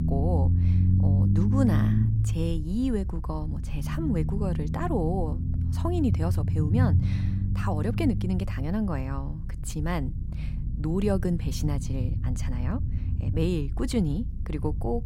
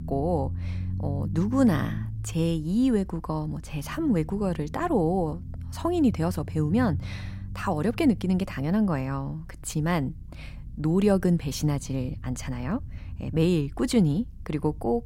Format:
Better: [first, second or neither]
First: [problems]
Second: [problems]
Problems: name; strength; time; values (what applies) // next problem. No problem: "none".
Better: second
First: low rumble; loud; throughout; 6 dB below the speech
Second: low rumble; faint; throughout; 20 dB below the speech